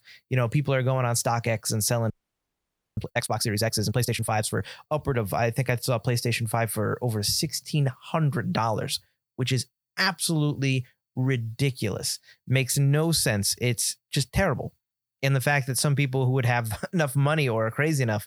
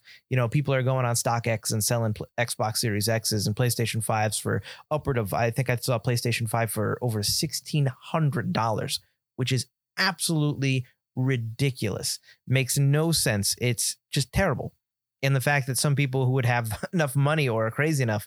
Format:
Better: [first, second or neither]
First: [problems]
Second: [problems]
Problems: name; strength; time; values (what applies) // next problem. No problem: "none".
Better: second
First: audio freezing; at 2 s for 1 s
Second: none